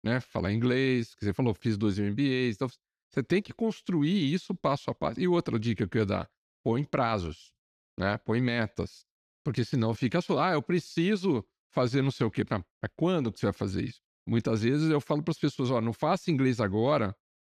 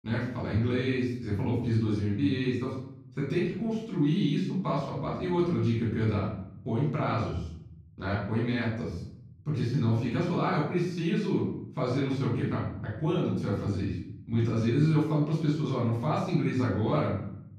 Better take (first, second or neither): first